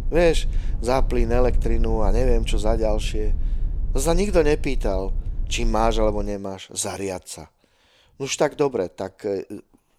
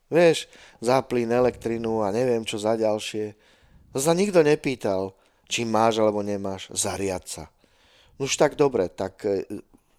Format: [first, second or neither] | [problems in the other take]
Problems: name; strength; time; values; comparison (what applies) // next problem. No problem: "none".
second | low rumble; faint; until 6.5 s; 20 dB below the speech